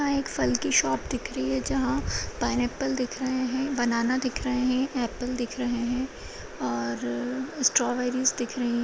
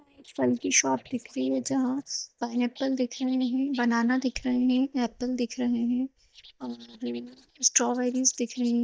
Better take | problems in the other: first | noise reduction (neural mask model DeepFilterNet 3)

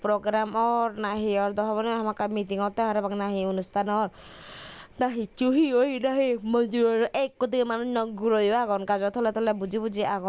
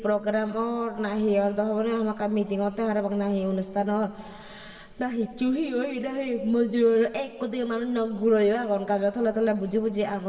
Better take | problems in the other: first | room echo; dies away in 2 s

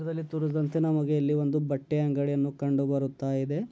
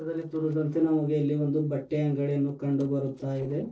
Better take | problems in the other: first | noise reduction (neural separator model SepFormer DNS4)

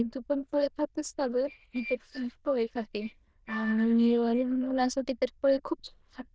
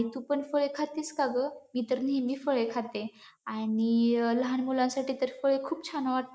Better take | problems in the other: second | noise reduction (neural diffusion model UNIVERSE++)

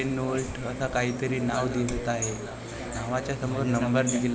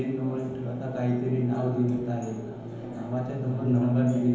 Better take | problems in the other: first | room echo; dies away in 1 s

